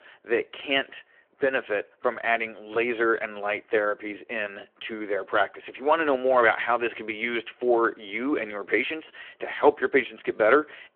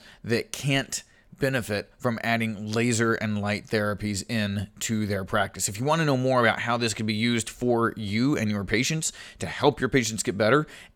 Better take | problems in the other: second | phone-call audio

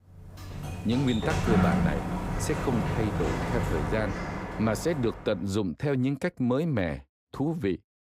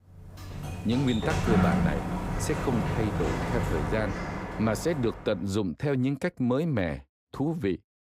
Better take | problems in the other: neither | door banging; loud; until 5 s; peak 5 dB above the speech; the same in both

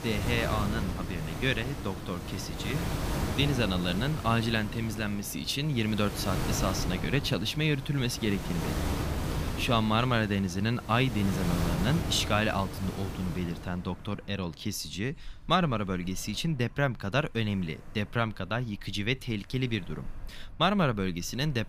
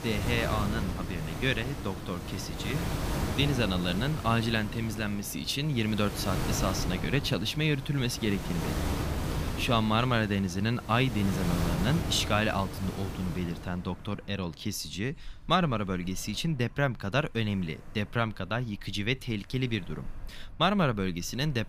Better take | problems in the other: neither | rain or running water; loud; throughout; 5 dB below the speech; the same in both

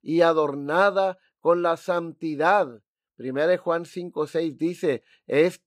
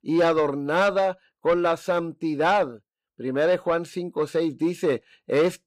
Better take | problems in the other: first | distortion; slight; 10 dB below the speech

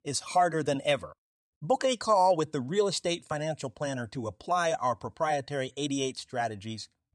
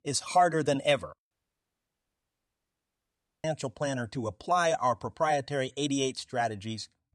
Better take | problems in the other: first | audio cutting out; at 1.5 s for 2 s

